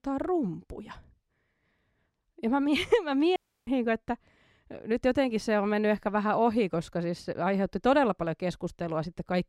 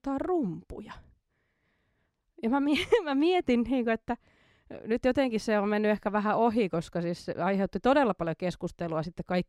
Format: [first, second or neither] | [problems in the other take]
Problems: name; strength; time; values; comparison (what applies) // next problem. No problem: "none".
second | audio cutting out; at 3.5 s